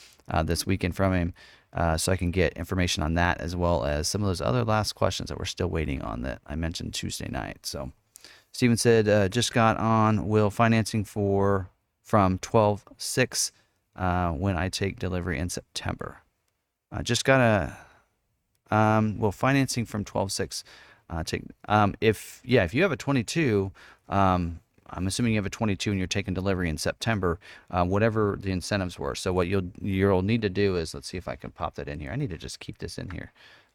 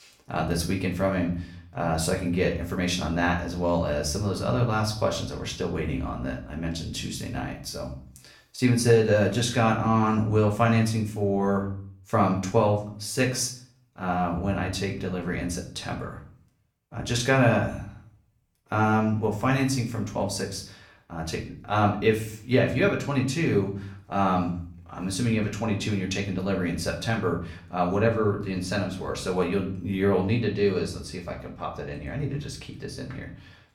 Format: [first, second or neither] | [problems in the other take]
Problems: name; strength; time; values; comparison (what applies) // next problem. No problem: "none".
first | room echo; slight; dies away in 0.5 s // off-mic speech; far